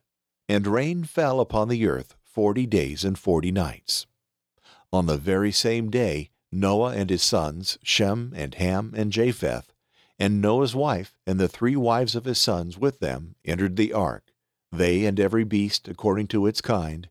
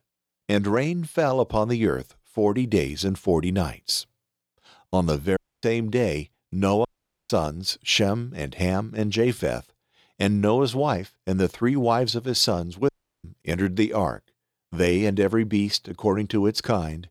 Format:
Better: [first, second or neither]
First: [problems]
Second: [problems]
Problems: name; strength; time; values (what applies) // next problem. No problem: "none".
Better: first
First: none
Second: audio cutting out; at 5.5 s, at 7 s and at 13 s